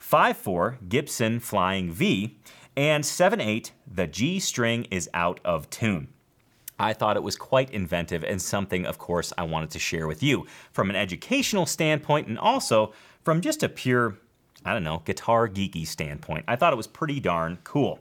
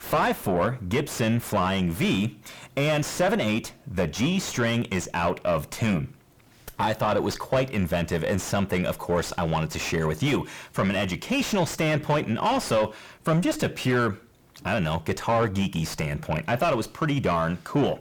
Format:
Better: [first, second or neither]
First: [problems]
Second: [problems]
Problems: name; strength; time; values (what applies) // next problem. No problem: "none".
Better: first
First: none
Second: distortion; heavy; 6 dB below the speech